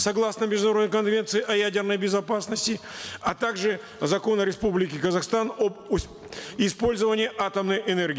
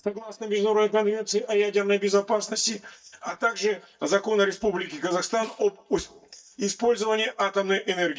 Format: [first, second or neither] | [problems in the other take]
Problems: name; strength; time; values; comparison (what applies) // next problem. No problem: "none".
first | noise reduction (neural mask model DeepFilterNet 3)